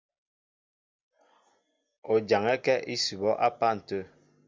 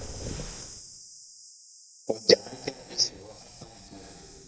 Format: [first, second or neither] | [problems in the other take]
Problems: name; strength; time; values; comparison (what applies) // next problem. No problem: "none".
first | noise reduction (neural mask model DeepFilterNet 3)